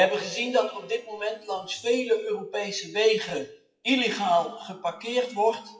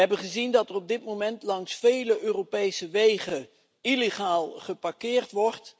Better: second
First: noise reduction (classical method WPE with log-MMSE)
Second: none

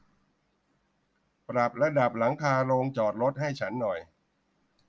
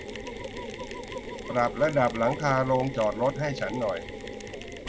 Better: first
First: none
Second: background sound (Mechanisms); 9 dB below the speech

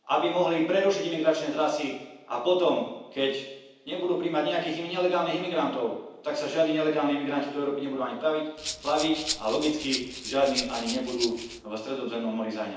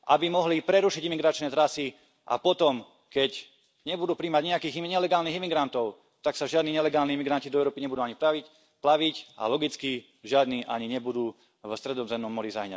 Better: second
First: background sound (Rattle (instrument)); 8 dB below the speech // room echo; dies away in 0.9 s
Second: none

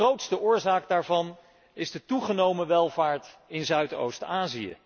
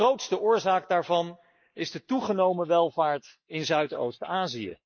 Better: first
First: none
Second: noise reduction (neural mask model Resemble Enhance denoiser)

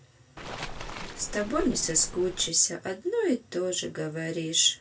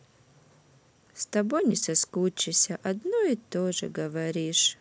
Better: second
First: background sound (Waves, surf); 9 dB below the speech // room echo; dies away in 0.2 s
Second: none

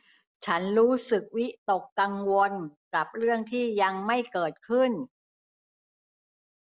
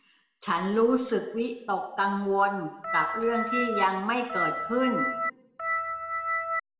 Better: first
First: none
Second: background sound (Organ); 1 dB below the speech // room echo; dies away in 0.9 s

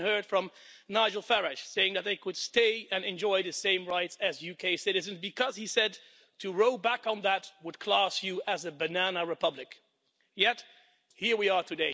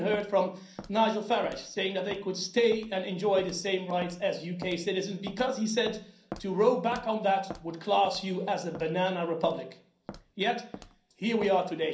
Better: first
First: none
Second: background sound (Walk, footsteps); 18 dB below the speech // room echo; dies away in 0.6 s

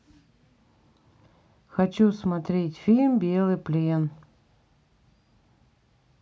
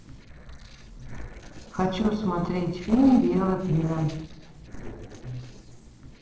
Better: first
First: none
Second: noise reduction (neural separator model SepFormer DNS4)

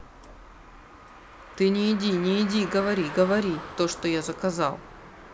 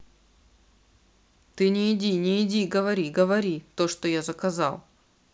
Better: second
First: background sound (Car); 14 dB below the speech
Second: none

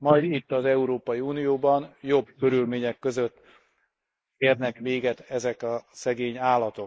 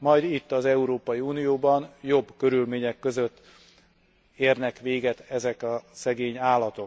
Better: second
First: noise reduction (neural mask model Resemble Enhance denoiser)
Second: none

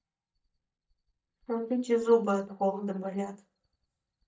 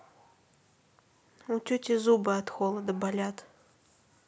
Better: second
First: noise reduction (neural mask model DeepFilterNet 3)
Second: none

